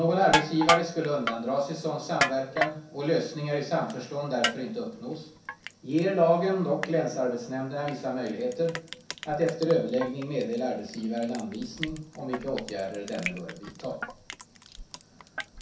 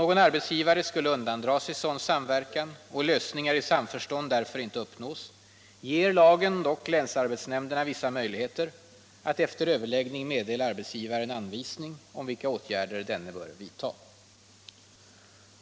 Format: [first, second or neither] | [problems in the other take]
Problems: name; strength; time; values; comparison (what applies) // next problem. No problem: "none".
second | background sound (Crushing); 7 dB below the speech // room echo; dies away in 0.6 s